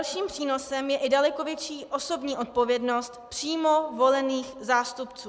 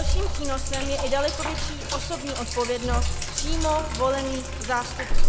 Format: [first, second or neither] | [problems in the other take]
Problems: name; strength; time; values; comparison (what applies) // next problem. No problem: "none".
first | background sound (Sink (filling or washing)); 5 dB above the speech